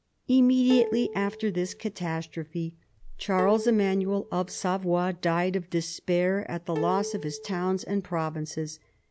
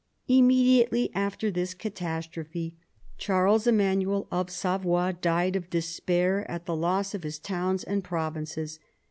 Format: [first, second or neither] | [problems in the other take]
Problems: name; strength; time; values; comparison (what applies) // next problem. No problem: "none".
second | background sound (Plucked string instrument); 12 dB below the speech